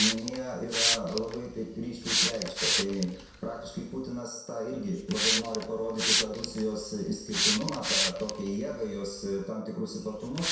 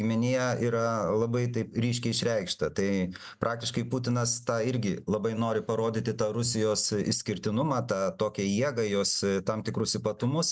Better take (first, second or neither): second